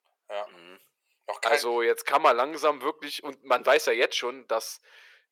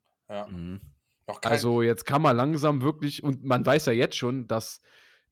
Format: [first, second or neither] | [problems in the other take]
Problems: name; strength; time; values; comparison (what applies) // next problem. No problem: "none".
second | thin; very; fading below 450 Hz